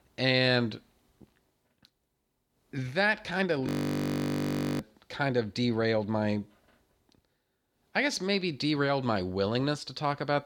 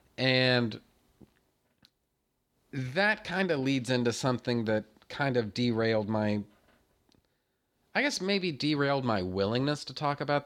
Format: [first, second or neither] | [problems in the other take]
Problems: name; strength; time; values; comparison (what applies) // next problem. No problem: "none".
second | audio freezing; at 3.5 s for 1 s